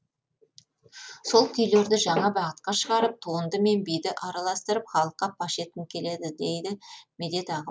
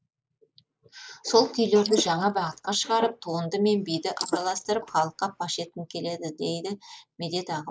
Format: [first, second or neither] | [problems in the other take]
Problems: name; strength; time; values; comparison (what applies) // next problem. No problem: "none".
first | noise reduction (neural mask model Resemble Enhance denoiser)